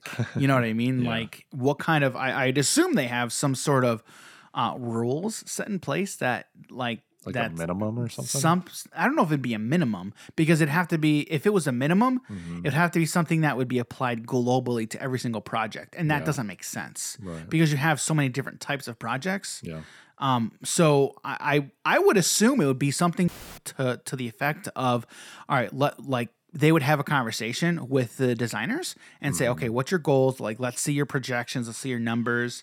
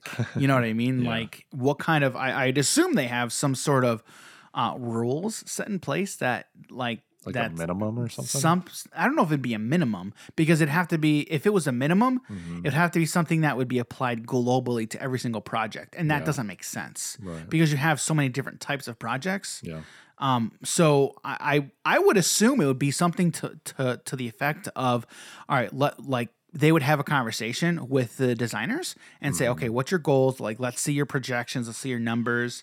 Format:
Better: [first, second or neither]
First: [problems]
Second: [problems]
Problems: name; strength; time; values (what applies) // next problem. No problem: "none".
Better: second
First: audio cutting out; filled with static; at 23 s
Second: none